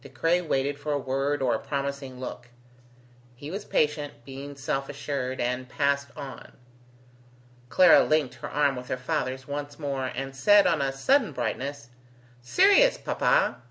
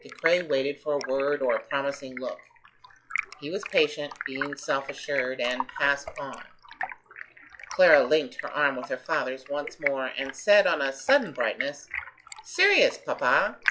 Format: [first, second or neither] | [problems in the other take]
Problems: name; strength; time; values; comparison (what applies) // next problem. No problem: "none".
first | noise reduction (classical method log-MMSE)